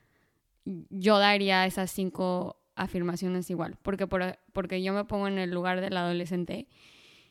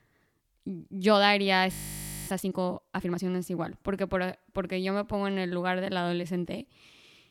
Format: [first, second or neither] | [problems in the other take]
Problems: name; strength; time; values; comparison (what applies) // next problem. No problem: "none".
first | audio freezing; at 1.5 s for 0.5 s